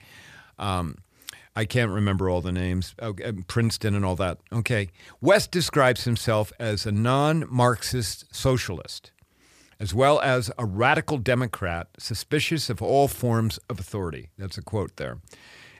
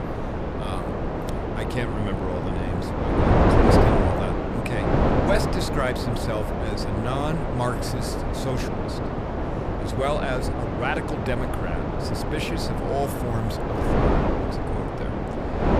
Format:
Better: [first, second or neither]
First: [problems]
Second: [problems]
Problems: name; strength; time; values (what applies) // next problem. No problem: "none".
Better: first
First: none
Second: wind noise on the microphone; heavy; 4 dB above the speech